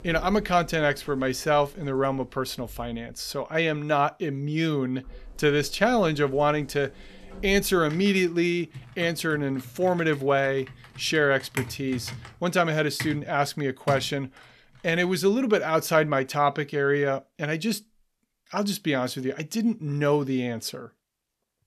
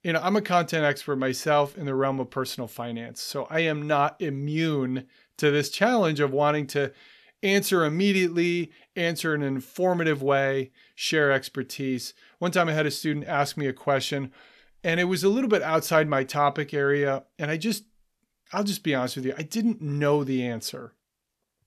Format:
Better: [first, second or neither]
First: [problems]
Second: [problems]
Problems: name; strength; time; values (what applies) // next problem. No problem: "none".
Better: second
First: household noises; noticeable; until 15 s; 15 dB below the speech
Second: none